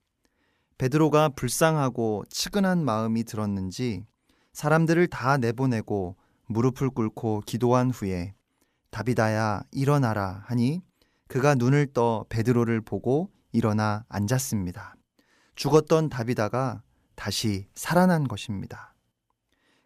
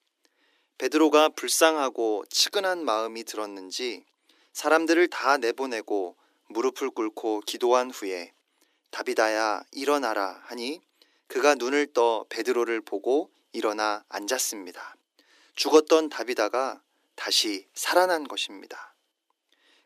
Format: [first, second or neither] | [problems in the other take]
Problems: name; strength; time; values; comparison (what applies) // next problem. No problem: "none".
first | thin; very; fading below 300 Hz